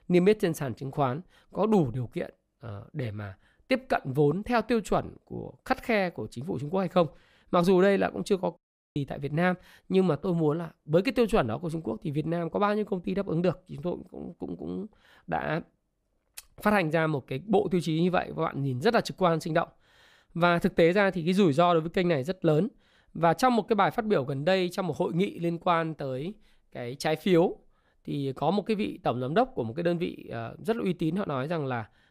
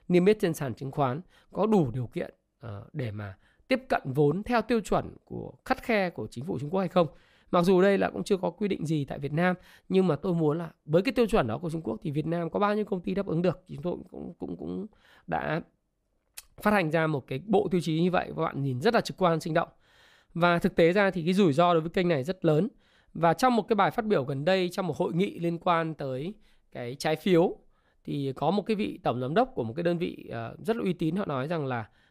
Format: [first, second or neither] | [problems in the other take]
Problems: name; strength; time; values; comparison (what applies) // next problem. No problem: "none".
second | audio cutting out; at 8.5 s